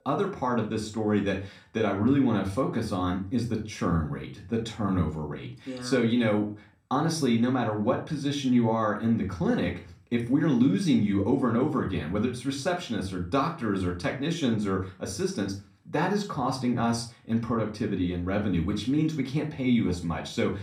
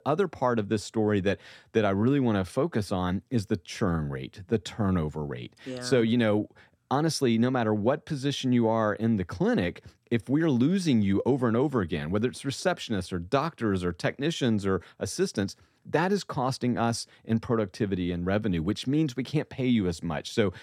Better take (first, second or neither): second